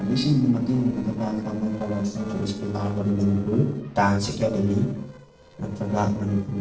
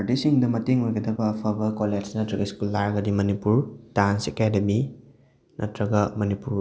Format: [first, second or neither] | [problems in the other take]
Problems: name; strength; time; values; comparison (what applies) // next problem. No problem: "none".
second | noise reduction (neural separator model SepFormer DNS4)